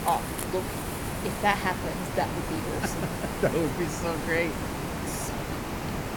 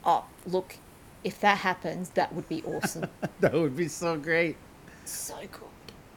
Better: second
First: hiss; loud; throughout; 2 dB below the speech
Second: hiss; faint; throughout; 20 dB below the speech

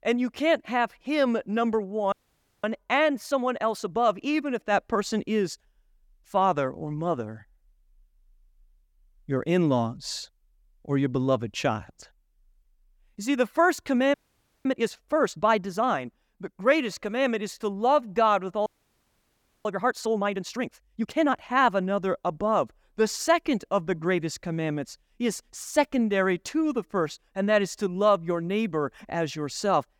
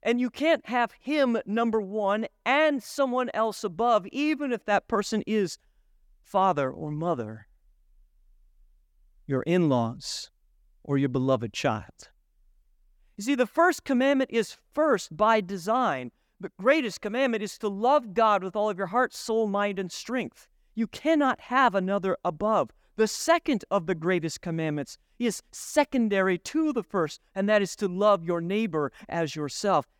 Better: second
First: audio freezing; at 2 s for 0.5 s, at 14 s for 0.5 s and at 19 s for 1 s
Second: none

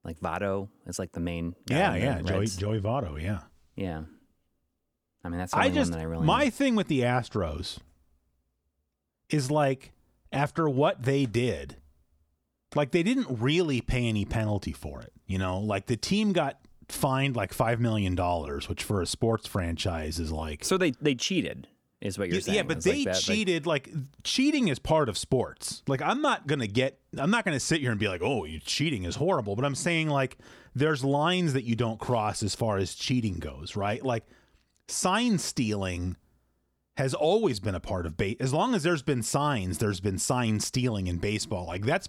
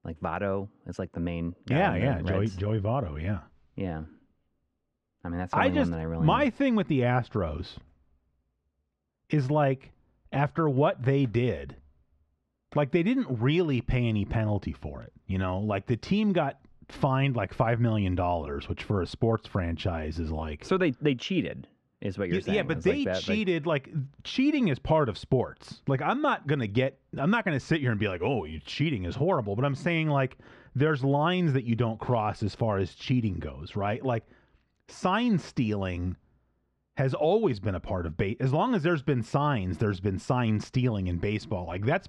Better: first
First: none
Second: muffled; slightly; fading above 2.5 kHz

